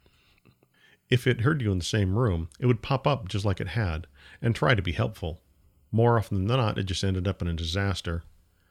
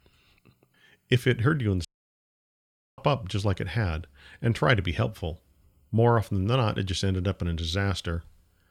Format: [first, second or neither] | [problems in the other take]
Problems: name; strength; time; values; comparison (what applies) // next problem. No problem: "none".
first | audio cutting out; at 2 s for 1 s